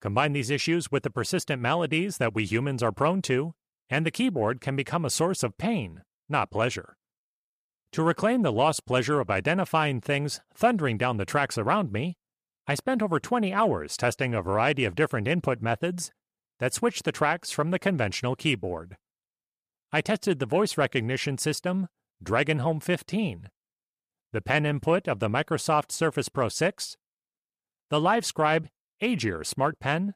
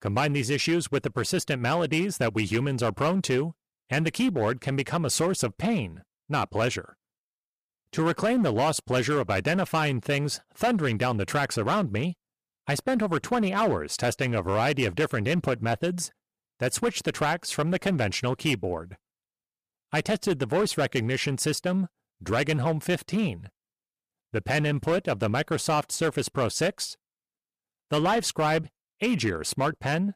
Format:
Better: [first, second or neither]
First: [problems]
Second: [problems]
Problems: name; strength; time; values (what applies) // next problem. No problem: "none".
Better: first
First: none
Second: distortion; slight; 7% of the sound clipped